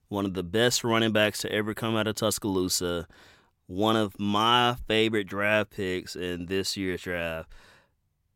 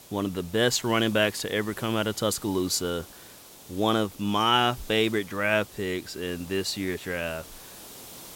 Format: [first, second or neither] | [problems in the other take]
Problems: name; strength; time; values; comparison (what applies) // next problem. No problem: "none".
first | hiss; noticeable; throughout; 20 dB below the speech